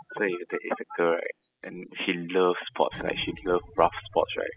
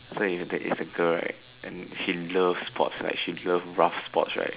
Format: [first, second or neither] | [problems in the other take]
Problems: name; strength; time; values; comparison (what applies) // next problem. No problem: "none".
second | noise reduction (classical method spectral subtraction)